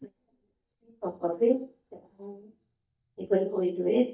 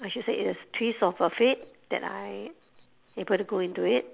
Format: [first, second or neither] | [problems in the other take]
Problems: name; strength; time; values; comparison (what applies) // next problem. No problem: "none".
second | noise reduction (neural mask model DeepFilterNet 3)